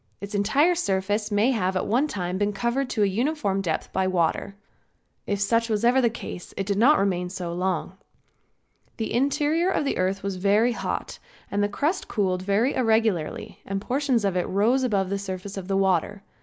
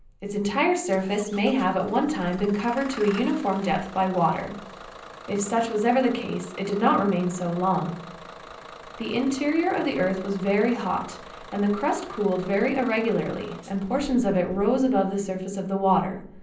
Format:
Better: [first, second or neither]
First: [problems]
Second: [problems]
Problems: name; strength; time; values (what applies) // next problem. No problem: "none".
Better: first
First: none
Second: background sound (Engine starting / Bus); 17 dB below the speech // room echo; dies away in 0.6 s